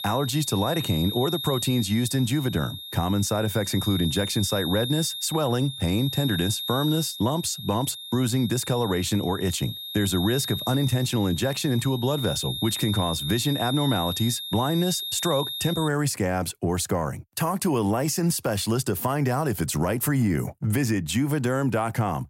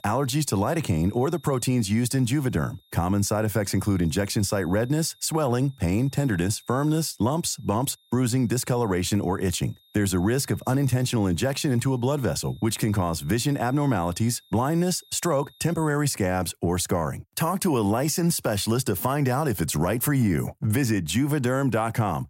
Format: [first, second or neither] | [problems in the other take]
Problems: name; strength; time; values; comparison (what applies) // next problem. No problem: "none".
second | high-pitched whine; loud; until 16 s; 3.5 kHz, 6 dB below the speech; faint in the second